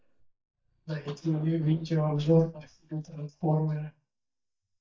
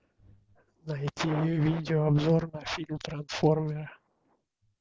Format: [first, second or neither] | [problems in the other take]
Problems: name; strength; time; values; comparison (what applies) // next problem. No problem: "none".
second | noise reduction (neural mask model DeepFilterNet 3)